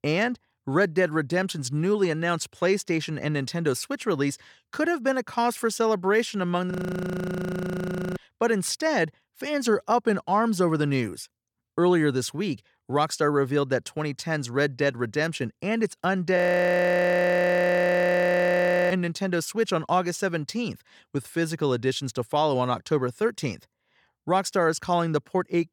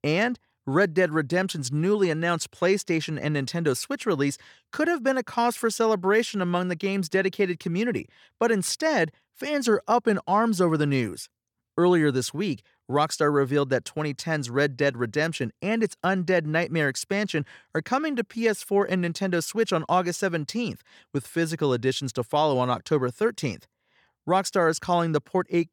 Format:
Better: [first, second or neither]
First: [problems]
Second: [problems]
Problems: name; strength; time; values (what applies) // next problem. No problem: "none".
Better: second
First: audio freezing; at 6.5 s for 1.5 s and at 16 s for 2.5 s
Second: none